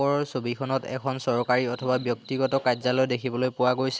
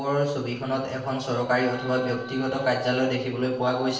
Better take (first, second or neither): first